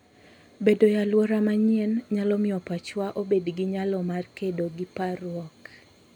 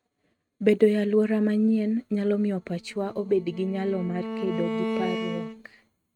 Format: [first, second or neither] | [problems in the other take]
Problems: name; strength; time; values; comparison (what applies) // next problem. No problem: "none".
first | noise reduction (neural mask model RNNoise)